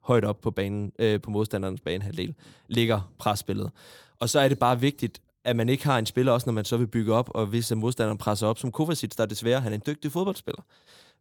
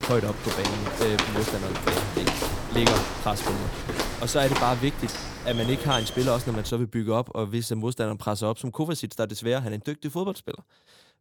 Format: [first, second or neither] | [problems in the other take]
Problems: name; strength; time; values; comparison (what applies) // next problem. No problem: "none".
first | footsteps; loud; until 6.5 s; peak 5 dB above the speech